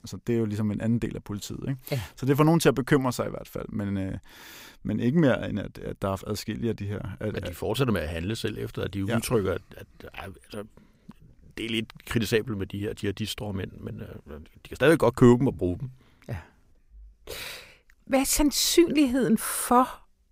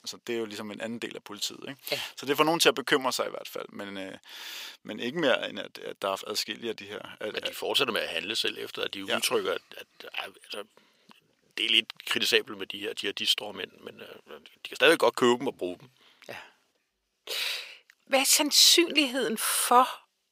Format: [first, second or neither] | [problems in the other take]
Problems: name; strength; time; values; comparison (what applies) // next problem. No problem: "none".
first | thin; somewhat; fading below 500 Hz